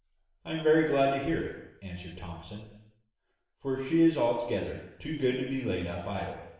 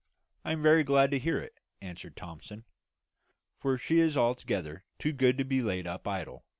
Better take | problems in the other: second | room echo; dies away in 0.8 s

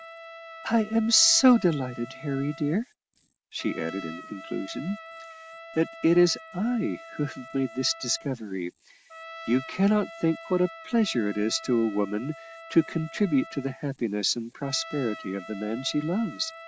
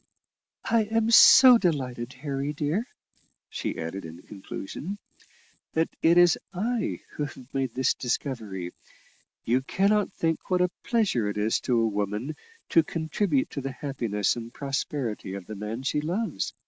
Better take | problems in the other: second | background sound (Trumpet); 17 dB below the speech

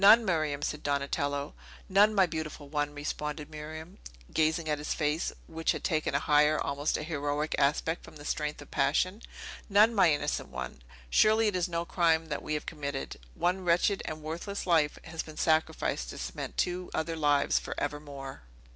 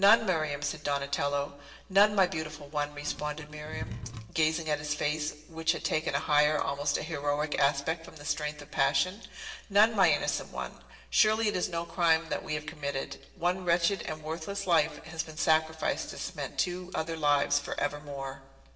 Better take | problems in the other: first | background sound (Wood / Tools); 10 dB below the speech // room echo; dies away in 0.8 s

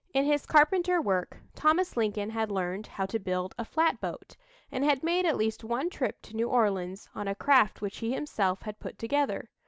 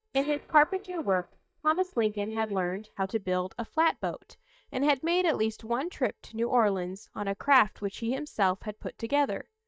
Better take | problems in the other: first | noise reduction (neural mask model DeepFilterNet 3)

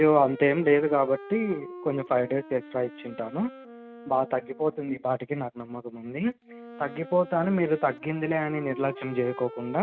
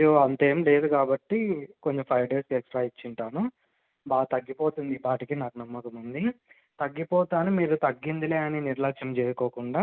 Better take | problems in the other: second | background sound (Wind instrument, woodwind instrument); 17 dB below the speech

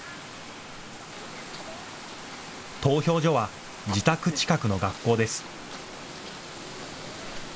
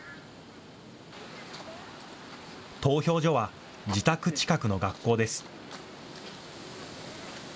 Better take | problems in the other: second | background sound (Bathtub (filling or washing)); 14 dB below the speech

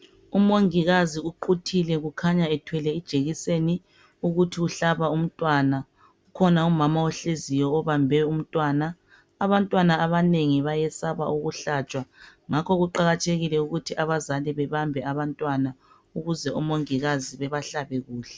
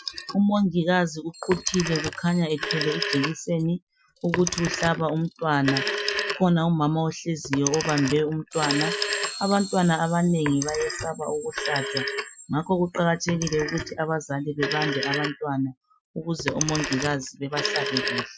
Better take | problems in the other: first | noise reduction (classical method Wiener filter)

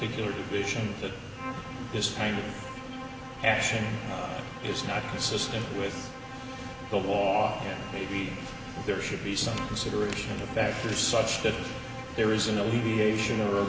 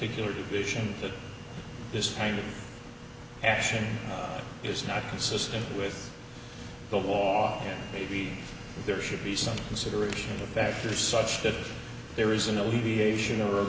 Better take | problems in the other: second | background sound (Bowed string instrument); 12 dB below the speech

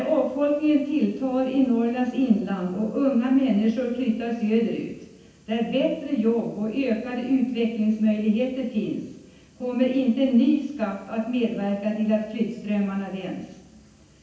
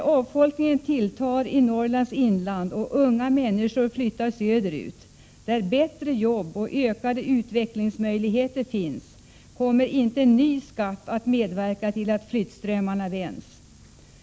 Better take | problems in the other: second | room echo; dies away in 0.9 s

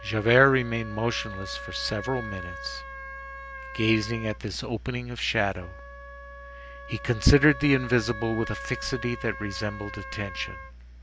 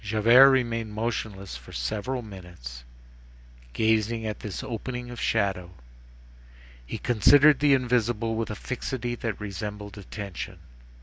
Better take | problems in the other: second | background sound (Wind instrument, woodwind instrument); 13 dB below the speech

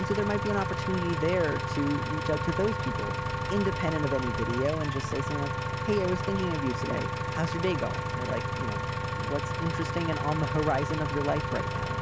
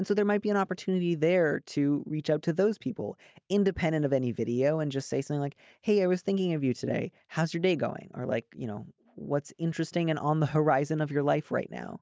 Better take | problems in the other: second | background sound (Engine + Wind instrument, woodwind instrument); as loud as the speech

